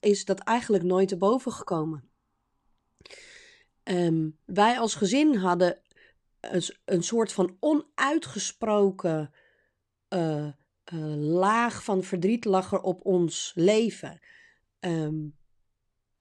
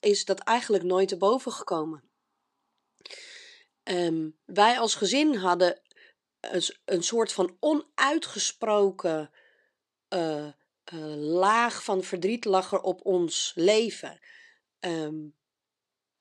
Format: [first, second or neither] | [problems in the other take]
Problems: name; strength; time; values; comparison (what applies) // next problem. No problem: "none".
first | thin; very slightly; fading below 300 Hz